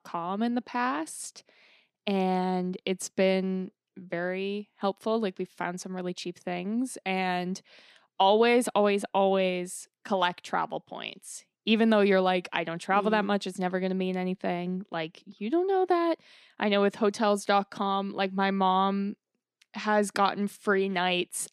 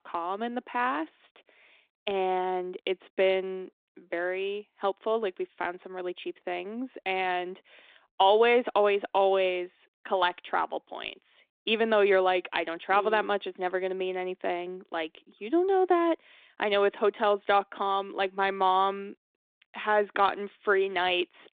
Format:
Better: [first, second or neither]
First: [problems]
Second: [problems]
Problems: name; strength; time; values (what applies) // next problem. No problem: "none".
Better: first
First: none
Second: phone-call audio; nothing above 3.5 kHz